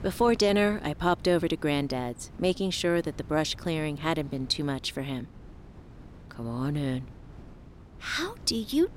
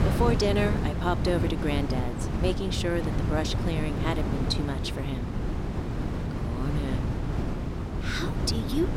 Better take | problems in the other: first | wind noise on the microphone; heavy; 5 dB below the speech; occasional gusts in the first

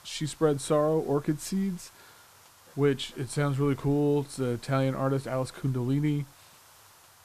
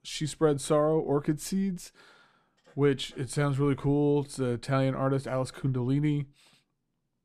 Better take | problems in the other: second | hiss; faint; throughout; 25 dB below the speech

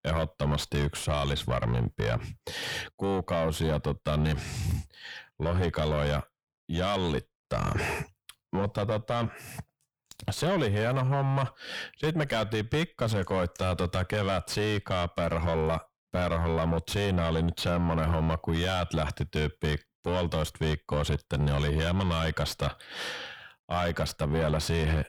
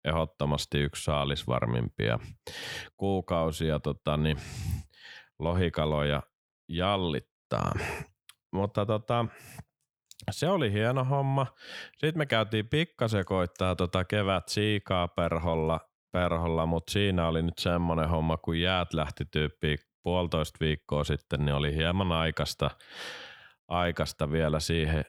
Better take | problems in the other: second | distortion; heavy; 5 dB below the speech

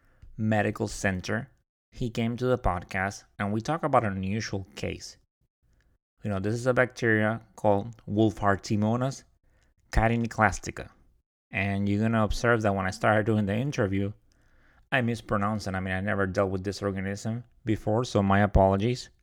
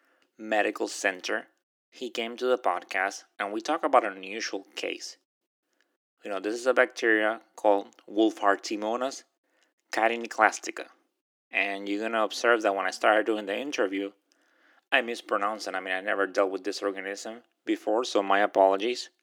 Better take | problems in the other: first | thin; somewhat; fading below 300 Hz

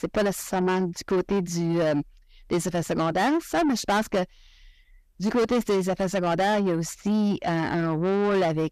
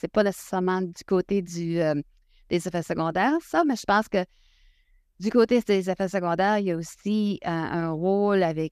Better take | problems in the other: second | distortion; heavy; 7 dB below the speech

